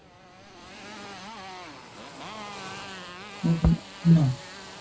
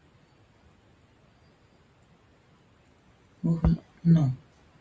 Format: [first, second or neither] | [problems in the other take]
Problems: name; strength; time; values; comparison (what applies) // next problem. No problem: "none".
second | background sound (Drill + Motorcycle); 13 dB below the speech